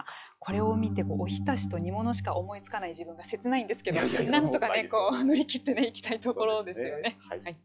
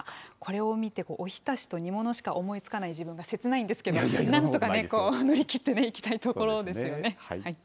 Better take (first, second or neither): second